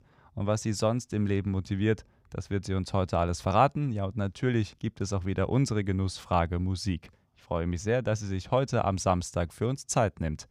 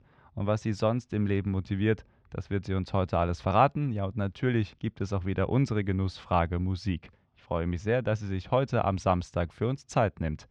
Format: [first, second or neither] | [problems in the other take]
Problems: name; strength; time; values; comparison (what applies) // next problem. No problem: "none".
first | muffled; slightly; fading above 3 kHz